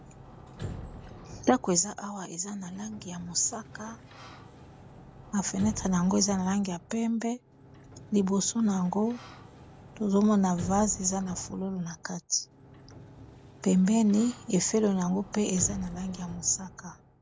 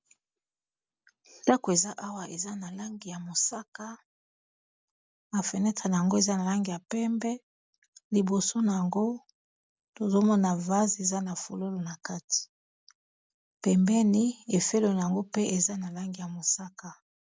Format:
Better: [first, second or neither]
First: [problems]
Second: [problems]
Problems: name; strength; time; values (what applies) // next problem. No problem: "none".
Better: second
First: background sound (Sliding door); 16 dB below the speech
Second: none